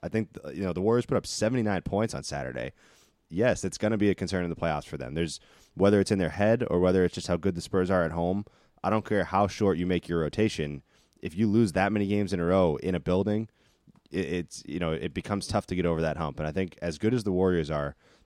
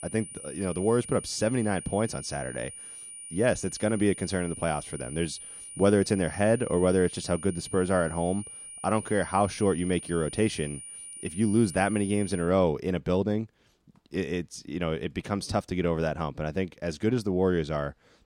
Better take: first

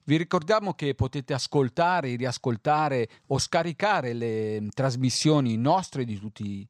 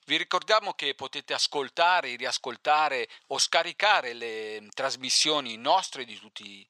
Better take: first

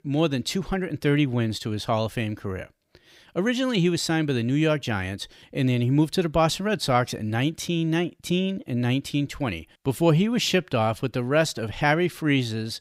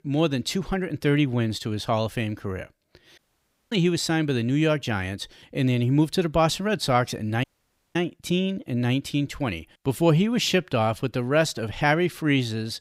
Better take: first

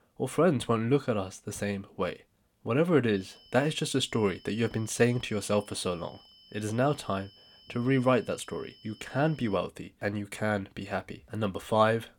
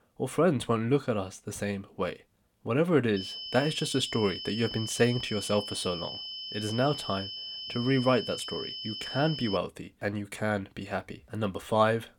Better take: first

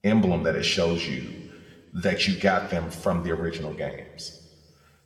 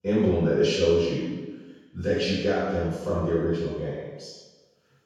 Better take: first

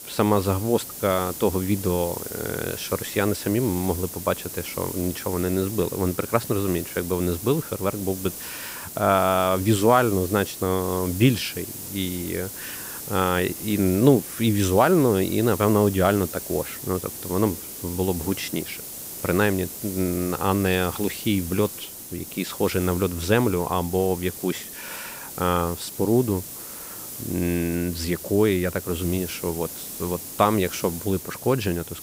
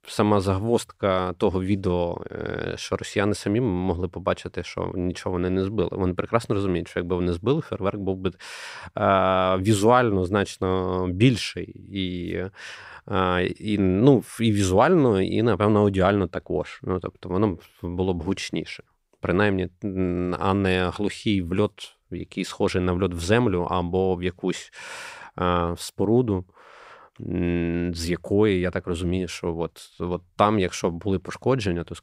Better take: second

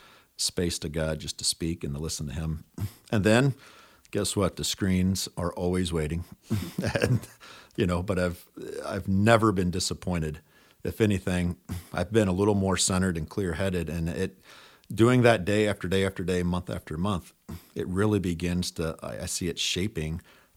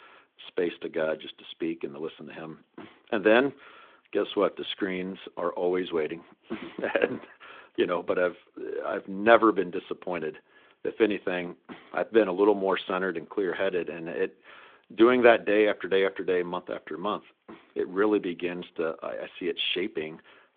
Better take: first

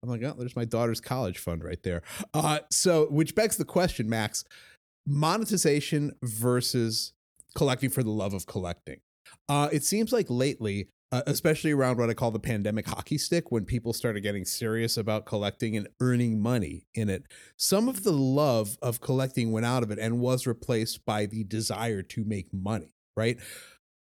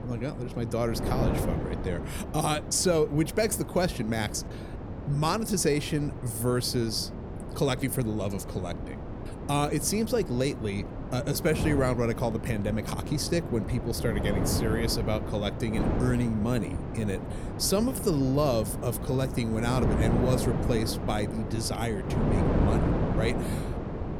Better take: first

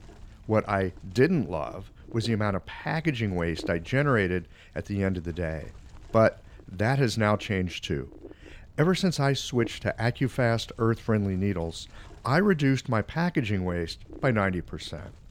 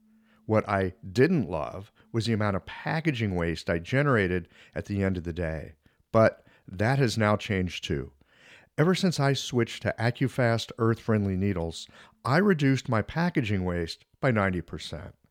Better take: second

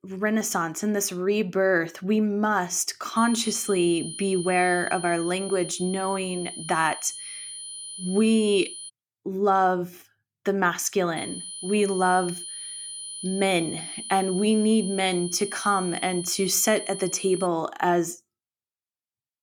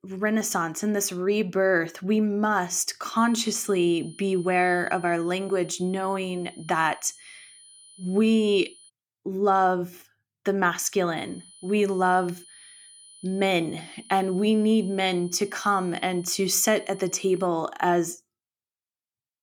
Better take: second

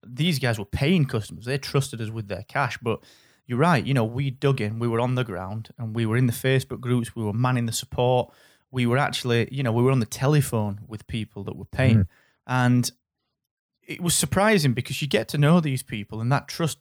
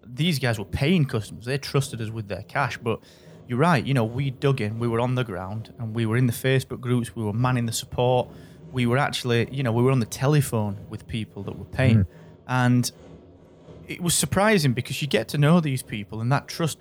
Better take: first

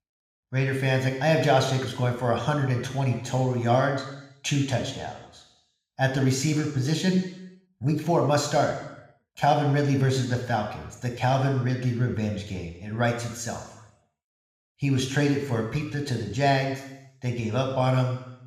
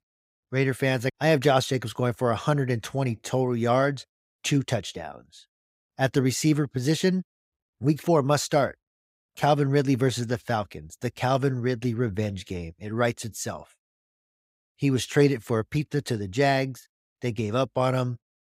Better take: second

